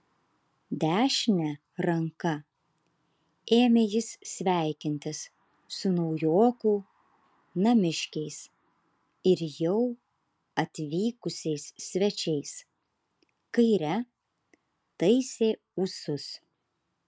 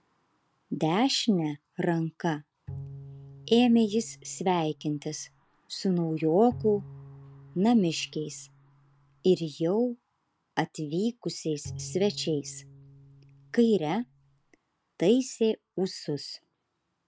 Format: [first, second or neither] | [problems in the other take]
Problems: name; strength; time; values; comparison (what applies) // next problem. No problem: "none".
first | background sound (Bowed string instrument); 17 dB below the speech